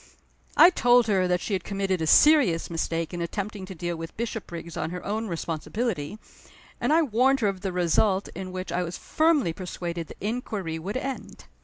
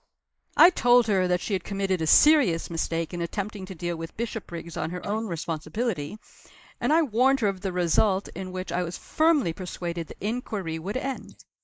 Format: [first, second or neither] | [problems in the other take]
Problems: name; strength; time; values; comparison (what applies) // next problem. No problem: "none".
first | noise reduction (neural mask model Resemble Enhance denoiser)